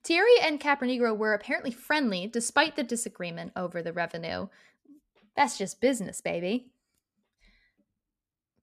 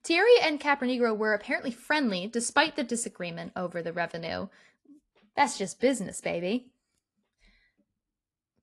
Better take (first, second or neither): first